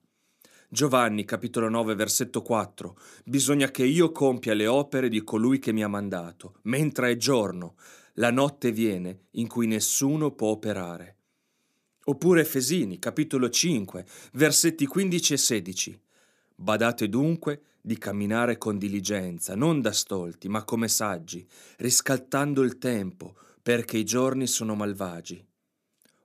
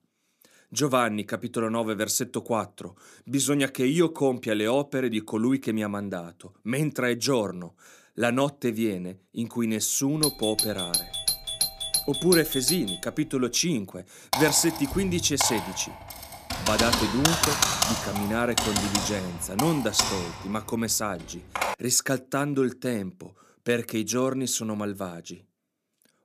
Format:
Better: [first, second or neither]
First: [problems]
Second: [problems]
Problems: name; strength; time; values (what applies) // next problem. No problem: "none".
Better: first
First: none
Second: doorbell; loud; from 10 to 13 s; peak 3 dB above the speech // keyboard typing; loud; from 14 to 22 s; peak 5 dB above the speech